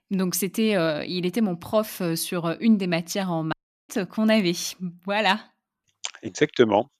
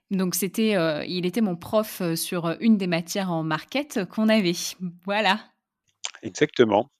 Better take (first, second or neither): second